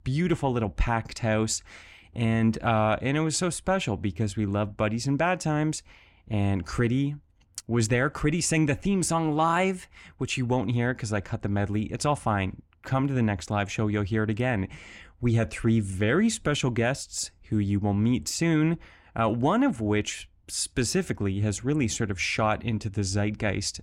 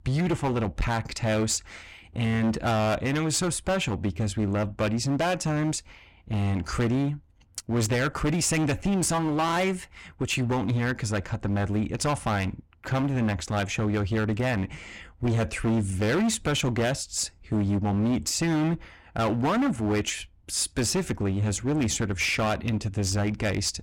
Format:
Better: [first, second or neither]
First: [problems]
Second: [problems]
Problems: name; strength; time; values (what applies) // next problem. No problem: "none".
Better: first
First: none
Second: distortion; heavy; 15% of the sound clipped